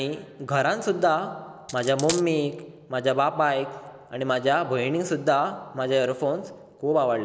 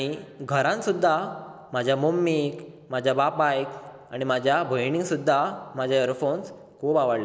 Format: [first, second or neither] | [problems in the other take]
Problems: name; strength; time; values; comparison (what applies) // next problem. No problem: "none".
second | background sound (Coin (dropping)); 9 dB below the speech